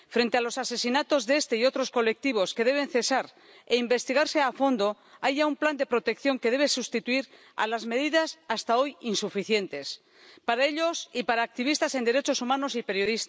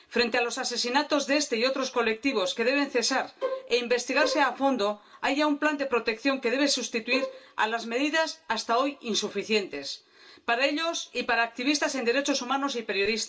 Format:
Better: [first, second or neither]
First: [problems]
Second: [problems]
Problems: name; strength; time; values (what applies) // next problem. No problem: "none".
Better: first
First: none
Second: background sound (Bowed string instrument); 7 dB below the speech // room echo; dies away in 0.2 s